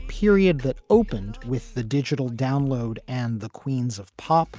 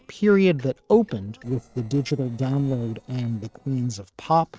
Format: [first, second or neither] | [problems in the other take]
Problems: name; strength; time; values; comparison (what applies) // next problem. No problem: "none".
first | noise reduction (neural separator model SepFormer DNS4)